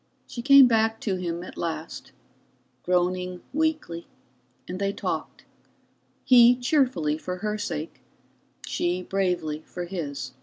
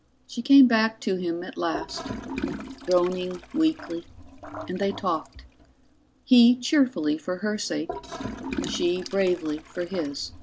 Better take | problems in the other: first | background sound (Toilet flush / Gurgling); 13 dB below the speech

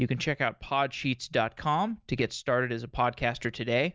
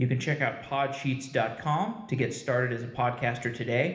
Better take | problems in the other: first | room echo; dies away in 1 s

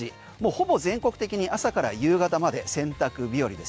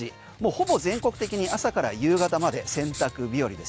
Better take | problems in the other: first | background sound (Writing); 14 dB below the speech

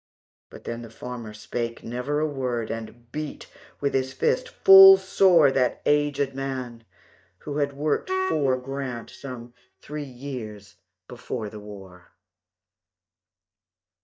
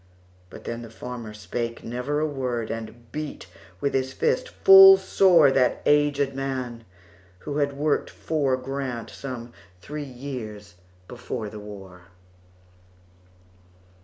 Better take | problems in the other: second | noise reduction (neural mask model DeepFilterNet 3)

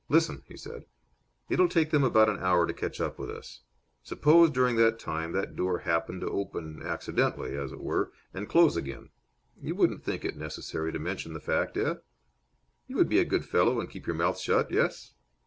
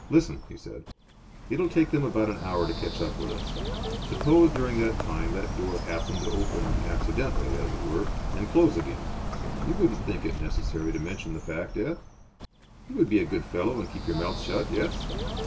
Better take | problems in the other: first | background sound (Bird); 3 dB below the speech // room echo; dies away in 0.2 s

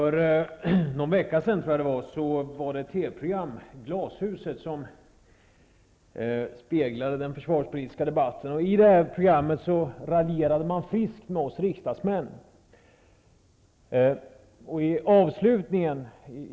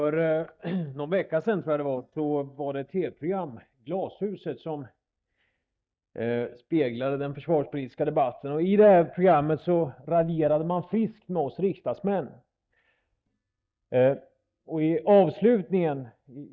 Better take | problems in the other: first | noise reduction (neural mask model DeepFilterNet 3)

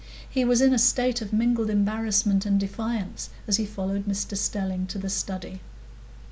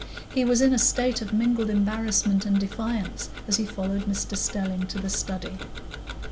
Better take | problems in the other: first | background sound (Tick-tock); 12 dB below the speech

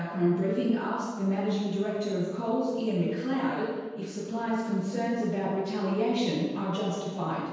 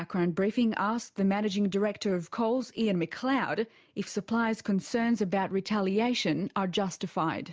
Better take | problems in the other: second | room echo; dies away in 1.2 s

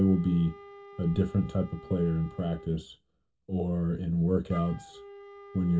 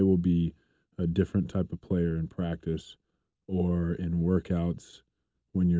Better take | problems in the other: second | background sound (Wind instrument, woodwind instrument); 19 dB below the speech // room echo; dies away in 0.2 s

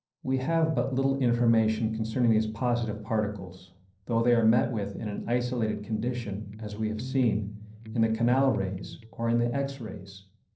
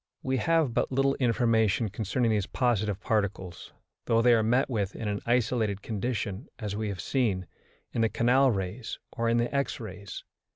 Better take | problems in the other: second | noise reduction (neural separator model SepFormer DNS4)

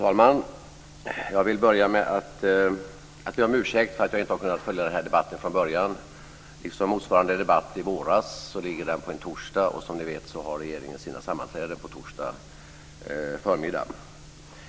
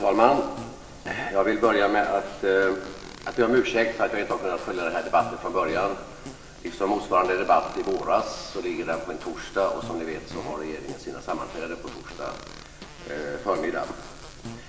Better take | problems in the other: first | background sound (Fart); 18 dB below the speech // room echo; dies away in 2.7 s

